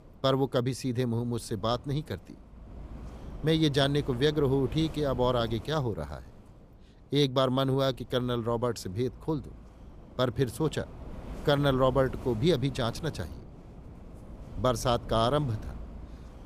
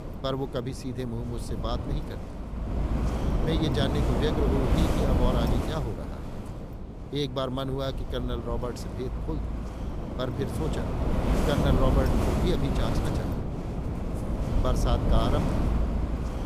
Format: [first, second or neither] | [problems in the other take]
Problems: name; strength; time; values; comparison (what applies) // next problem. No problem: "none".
first | wind noise on the microphone; heavy; 1 dB below the speech; occasional gusts in the first